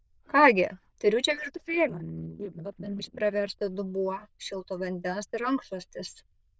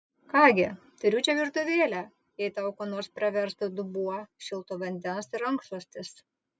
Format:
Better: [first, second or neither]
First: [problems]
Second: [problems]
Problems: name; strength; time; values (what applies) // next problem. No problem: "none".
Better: second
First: noise reduction (neural diffusion model UNIVERSE++)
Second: none